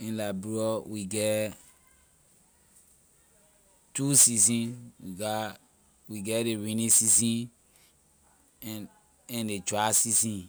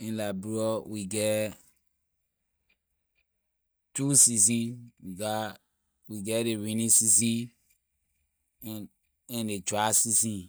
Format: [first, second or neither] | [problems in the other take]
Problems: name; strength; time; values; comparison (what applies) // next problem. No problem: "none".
first | noise reduction (neural mask model DeepFilterNet 3)